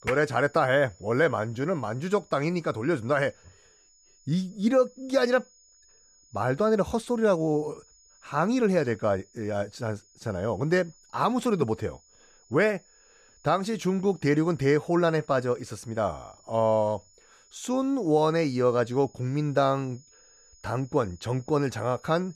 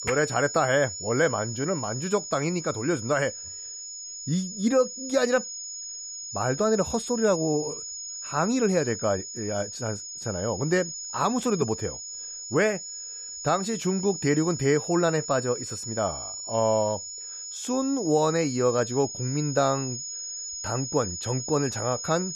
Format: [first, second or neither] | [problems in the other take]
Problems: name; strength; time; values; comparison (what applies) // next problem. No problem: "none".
first | high-pitched whine; loud; throughout; 7 kHz, 7 dB below the speech; faint in the first